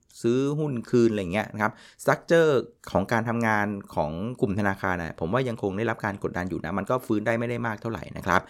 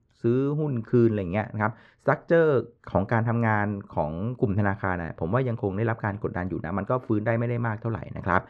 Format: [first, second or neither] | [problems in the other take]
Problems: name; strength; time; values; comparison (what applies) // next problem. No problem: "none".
first | muffled; very; fading above 2 kHz